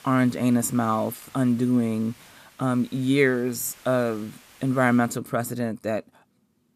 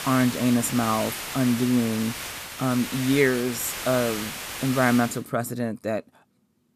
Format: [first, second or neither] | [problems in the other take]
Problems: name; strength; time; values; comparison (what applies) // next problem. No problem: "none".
first | hiss; loud; until 5 s; 7 dB below the speech; faint in the first